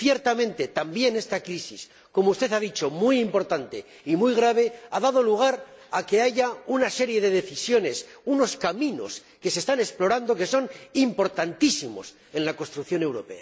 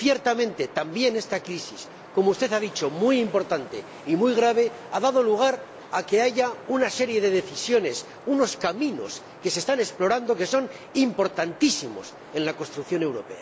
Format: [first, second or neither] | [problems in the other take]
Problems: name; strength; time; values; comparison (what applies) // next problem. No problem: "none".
first | background sound (Wind); 19 dB below the speech